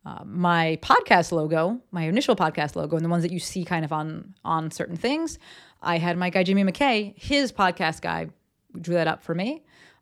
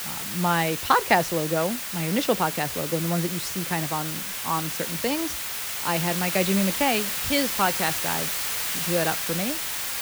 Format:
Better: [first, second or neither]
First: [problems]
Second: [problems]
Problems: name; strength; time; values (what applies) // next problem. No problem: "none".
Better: first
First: none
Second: hiss; loud; throughout; 1 dB below the speech